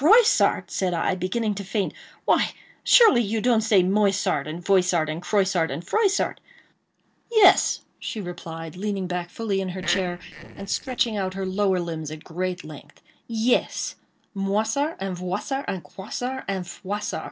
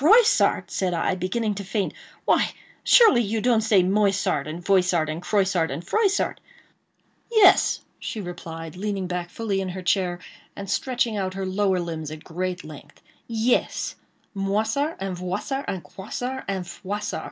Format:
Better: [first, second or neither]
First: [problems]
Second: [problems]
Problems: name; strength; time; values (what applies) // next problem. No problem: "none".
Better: second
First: noise reduction (neural separator model SepFormer DNS4)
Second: none